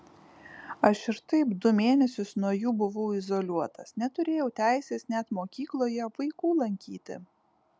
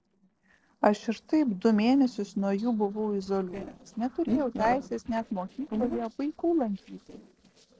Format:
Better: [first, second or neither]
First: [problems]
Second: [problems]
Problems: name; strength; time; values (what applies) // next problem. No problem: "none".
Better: first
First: none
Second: noise reduction (neural separator model SepFormer DNS4)